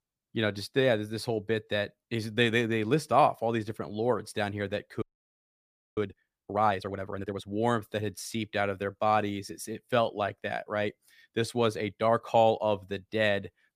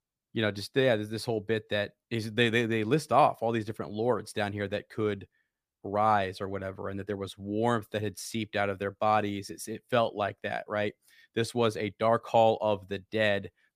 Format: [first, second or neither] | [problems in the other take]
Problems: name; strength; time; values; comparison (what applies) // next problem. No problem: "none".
second | audio freezing; at 5 s for 1 s